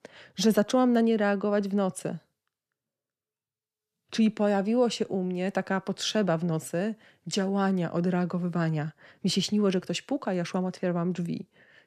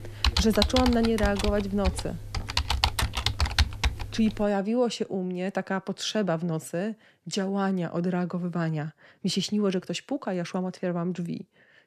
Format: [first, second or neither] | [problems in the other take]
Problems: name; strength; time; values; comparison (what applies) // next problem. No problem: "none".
first | keyboard typing; loud; until 4.5 s; peak 3 dB above the speech